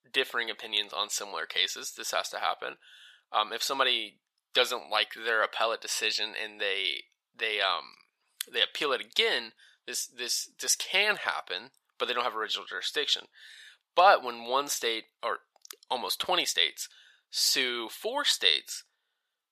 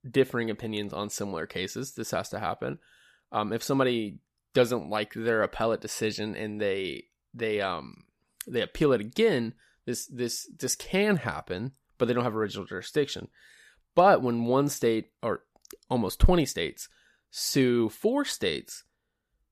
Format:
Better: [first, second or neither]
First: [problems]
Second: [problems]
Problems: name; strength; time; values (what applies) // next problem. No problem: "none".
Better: second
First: thin; very; fading below 850 Hz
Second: none